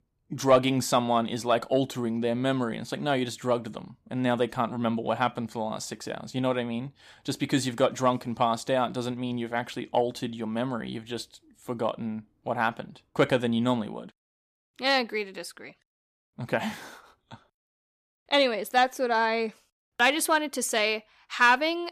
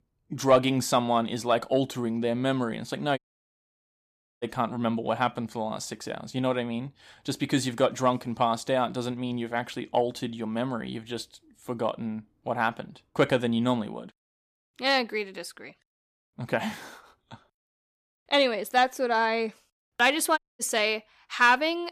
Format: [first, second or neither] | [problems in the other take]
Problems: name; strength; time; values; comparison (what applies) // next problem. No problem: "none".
first | audio cutting out; at 3 s for 1 s and at 20 s